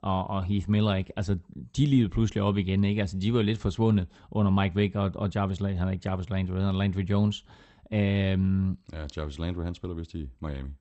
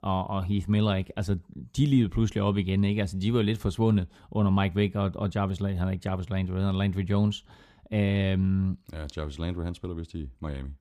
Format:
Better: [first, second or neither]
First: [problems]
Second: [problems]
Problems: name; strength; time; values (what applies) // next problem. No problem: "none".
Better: second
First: garbled, watery; slightly; nothing above 12.5 kHz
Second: none